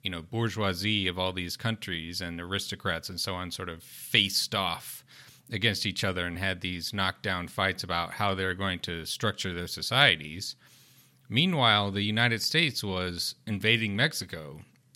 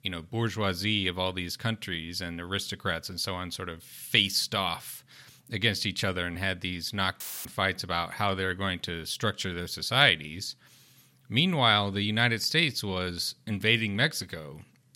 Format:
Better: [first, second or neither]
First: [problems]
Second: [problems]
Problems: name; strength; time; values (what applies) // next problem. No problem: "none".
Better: first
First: none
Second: audio cutting out; filled with static; at 7 s